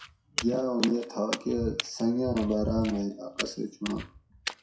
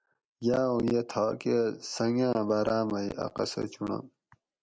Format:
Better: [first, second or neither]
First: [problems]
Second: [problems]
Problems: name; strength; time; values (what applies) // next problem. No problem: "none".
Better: second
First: noise reduction (classical method WPE with log-MMSE)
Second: none